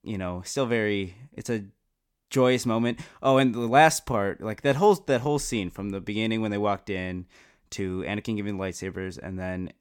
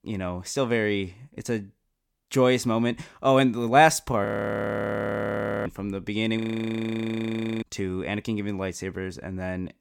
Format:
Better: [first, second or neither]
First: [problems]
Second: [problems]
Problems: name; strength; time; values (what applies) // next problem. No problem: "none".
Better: first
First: none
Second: audio freezing; at 4.5 s for 1.5 s and at 6.5 s for 1 s